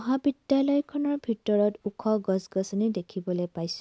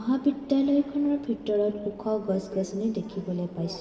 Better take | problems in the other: first | background sound (Subway, metro, underground); 17 dB below the speech // room echo; dies away in 2.2 s

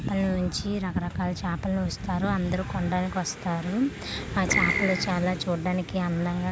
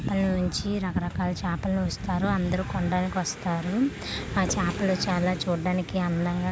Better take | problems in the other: second | background sound (Keyboard (musical)); as loud as the speech

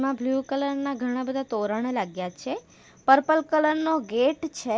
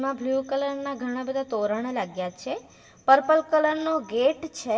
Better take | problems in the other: first | room echo; dies away in 0.8 s

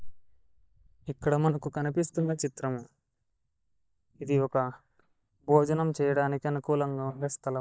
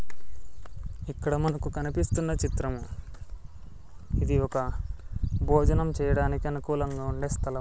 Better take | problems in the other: second | noise reduction (neural mask model DeepFilterNet 3)

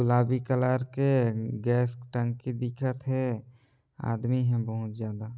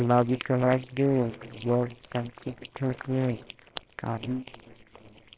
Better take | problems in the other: first | noise reduction (neural separator model SepFormer WHAMR!)

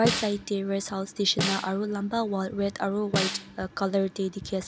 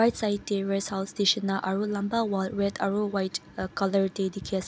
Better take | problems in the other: second | background sound (Snare drum); 6 dB below the speech

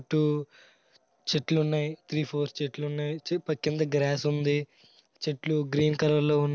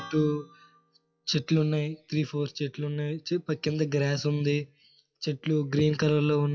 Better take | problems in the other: first | noise reduction (classical method WPE with log-MMSE)

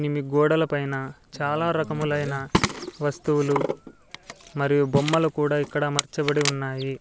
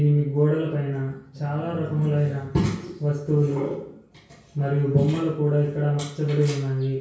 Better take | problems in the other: first | room echo; dies away in 0.6 s

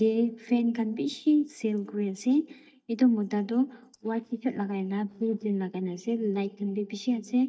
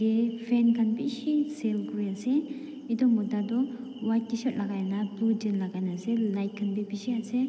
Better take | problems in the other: second | noise reduction (neural mask model DeepFilterNet 3)

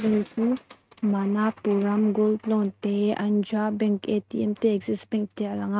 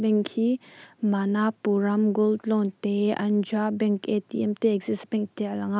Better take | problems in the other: second | noise reduction (neural mask model RNNoise)

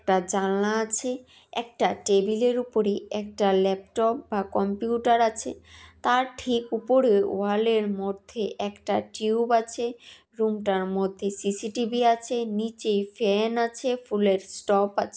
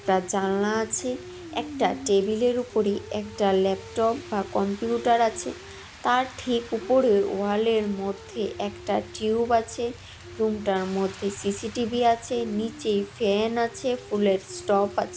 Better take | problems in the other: first | background sound (Rain); 16 dB below the speech

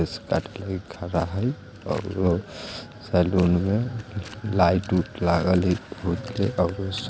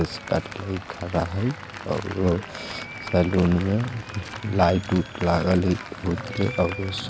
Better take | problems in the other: first | background sound (Applause); 14 dB below the speech

